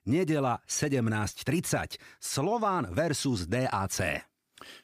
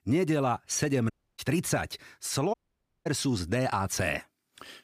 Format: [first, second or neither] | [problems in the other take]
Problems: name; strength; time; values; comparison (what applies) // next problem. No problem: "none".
first | audio cutting out; at 1 s and at 2.5 s for 0.5 s